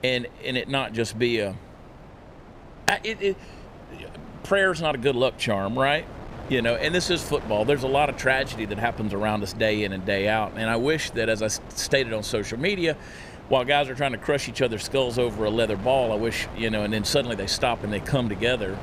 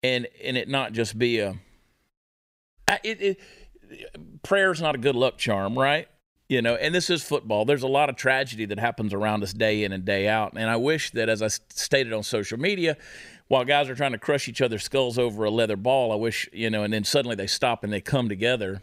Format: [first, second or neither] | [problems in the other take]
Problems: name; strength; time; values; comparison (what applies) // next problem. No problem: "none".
second | wind noise on the microphone; occasional gusts; 15 dB below the speech